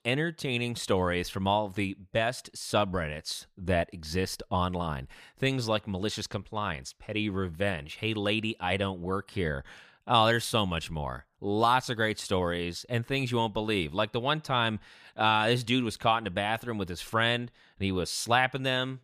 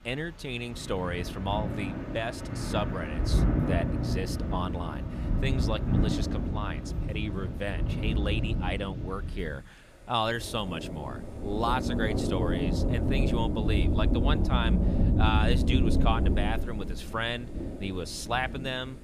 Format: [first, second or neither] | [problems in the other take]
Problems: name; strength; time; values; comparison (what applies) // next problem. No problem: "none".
first | rain or running water; very loud; throughout; 4 dB above the speech